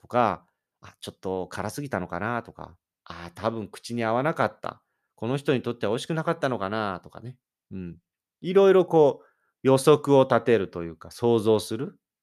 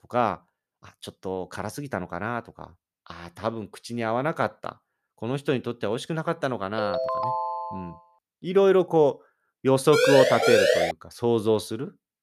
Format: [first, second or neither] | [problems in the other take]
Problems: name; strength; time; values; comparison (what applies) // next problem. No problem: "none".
first | phone ringing; noticeable; from 7 to 8 s; peak 1 dB below the speech // siren; loud; at 10 s; peak 5 dB above the speech